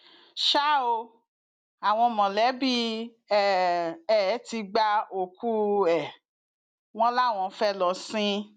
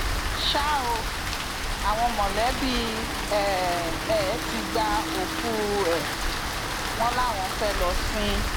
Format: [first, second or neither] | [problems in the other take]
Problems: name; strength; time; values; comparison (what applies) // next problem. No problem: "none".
first | background sound (Rain); as loud as the speech